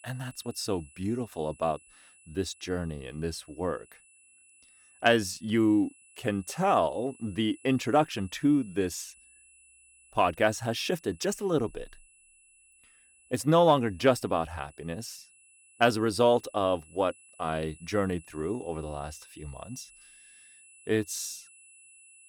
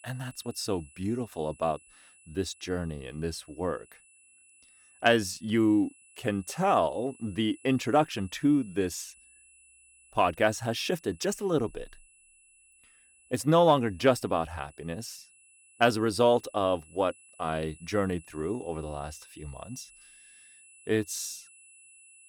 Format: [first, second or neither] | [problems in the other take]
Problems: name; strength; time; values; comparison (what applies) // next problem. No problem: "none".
neither | high-pitched whine; faint; throughout; 2.5 kHz, 25 dB below the speech; the same in both